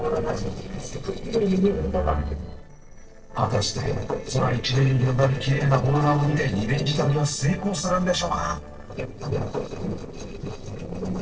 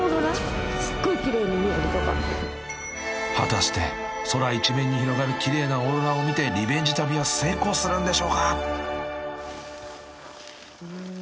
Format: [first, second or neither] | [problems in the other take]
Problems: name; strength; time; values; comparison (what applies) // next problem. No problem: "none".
second | noise reduction (neural separator model SepFormer DNS4)